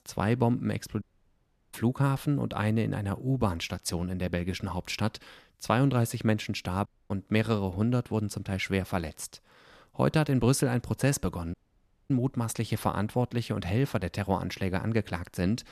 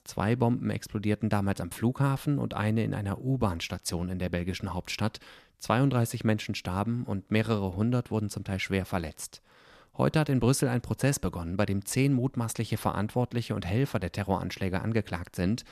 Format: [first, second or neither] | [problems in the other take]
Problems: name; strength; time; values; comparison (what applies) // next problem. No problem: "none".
second | audio cutting out; at 1 s for 0.5 s, at 7 s and at 12 s for 0.5 s